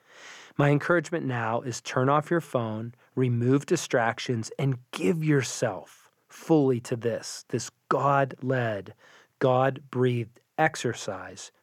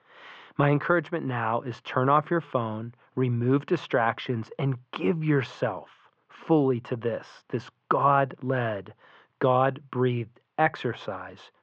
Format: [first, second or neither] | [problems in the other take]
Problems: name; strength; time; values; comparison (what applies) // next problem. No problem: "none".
first | muffled; very; fading above 3.5 kHz